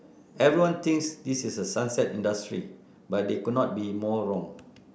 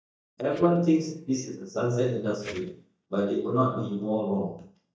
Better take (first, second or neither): first